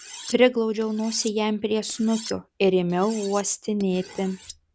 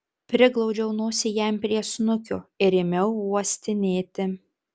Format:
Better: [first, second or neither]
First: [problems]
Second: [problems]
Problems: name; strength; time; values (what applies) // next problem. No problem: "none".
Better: second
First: background sound (Cutlery, silverware); 18 dB below the speech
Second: none